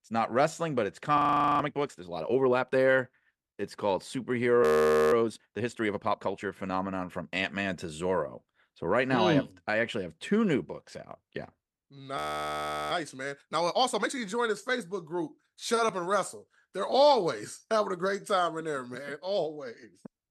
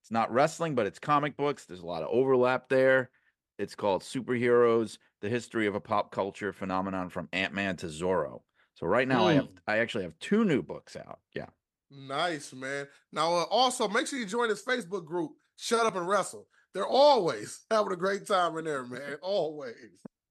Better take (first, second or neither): second